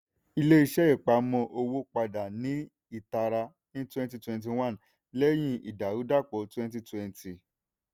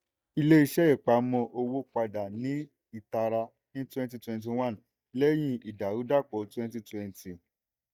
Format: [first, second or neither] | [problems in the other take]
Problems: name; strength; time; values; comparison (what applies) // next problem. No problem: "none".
first | noise reduction (neural mask model DeepFilterNet 3)